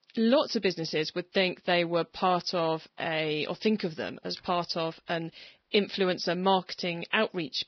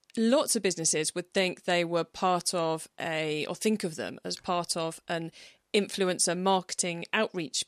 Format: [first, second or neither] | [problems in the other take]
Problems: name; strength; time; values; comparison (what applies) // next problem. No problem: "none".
second | garbled, watery; badly; nothing above 5.5 kHz